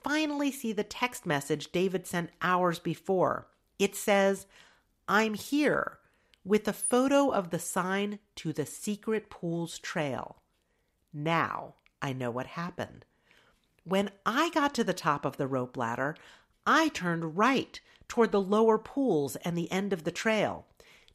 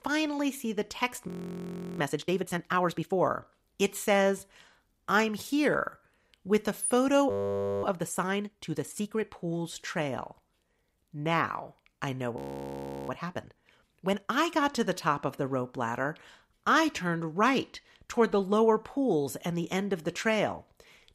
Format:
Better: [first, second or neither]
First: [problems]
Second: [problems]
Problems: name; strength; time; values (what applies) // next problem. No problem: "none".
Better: first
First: none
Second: audio freezing; at 1.5 s for 0.5 s, at 7.5 s for 0.5 s and at 12 s for 0.5 s